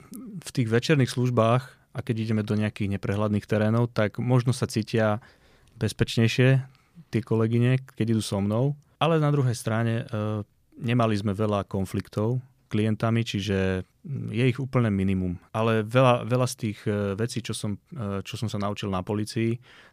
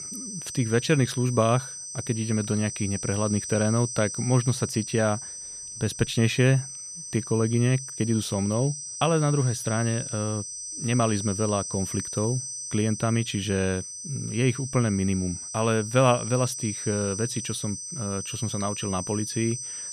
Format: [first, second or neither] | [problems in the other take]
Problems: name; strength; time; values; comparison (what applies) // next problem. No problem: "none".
first | high-pitched whine; loud; throughout; 6 kHz, 7 dB below the speech